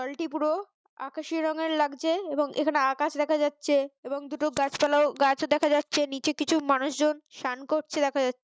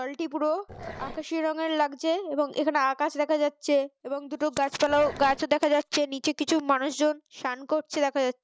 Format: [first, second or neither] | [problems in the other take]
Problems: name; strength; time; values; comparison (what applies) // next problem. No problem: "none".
first | background sound (Growling); 15 dB below the speech